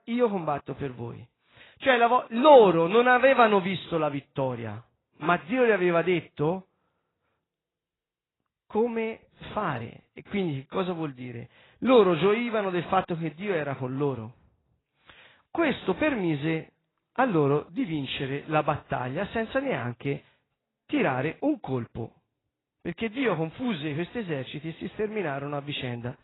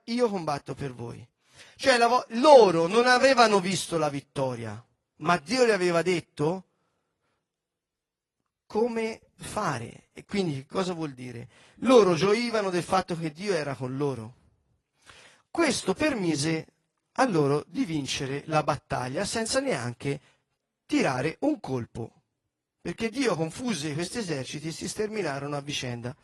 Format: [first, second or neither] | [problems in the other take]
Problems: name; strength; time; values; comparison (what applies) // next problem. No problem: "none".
second | garbled, watery; badly; nothing above 4 kHz; slightly in the second